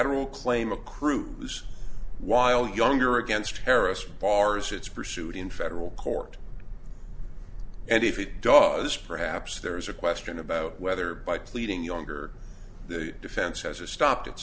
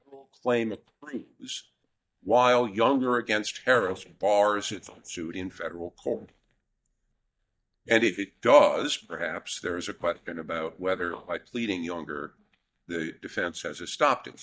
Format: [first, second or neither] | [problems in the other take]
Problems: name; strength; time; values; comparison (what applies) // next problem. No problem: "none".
first | noise reduction (neural mask model DeepFilterNet 3)